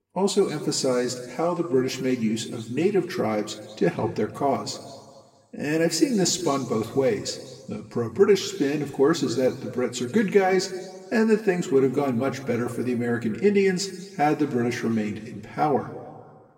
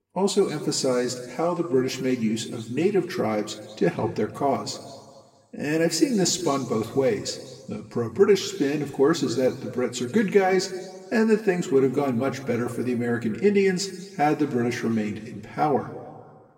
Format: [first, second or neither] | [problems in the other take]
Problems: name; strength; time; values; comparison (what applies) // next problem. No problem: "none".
neither | room echo; slight; dies away in 1.5 s; the same in both // off-mic speech; somewhat distant; the same in both